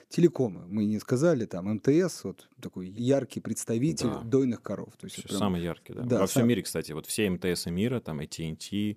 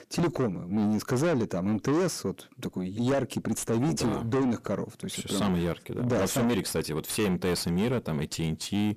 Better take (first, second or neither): first